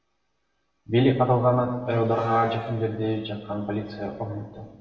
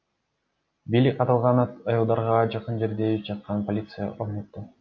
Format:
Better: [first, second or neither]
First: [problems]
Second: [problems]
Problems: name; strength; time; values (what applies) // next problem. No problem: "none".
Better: second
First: background sound (Cheering); 17 dB below the speech // room echo; dies away in 1 s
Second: none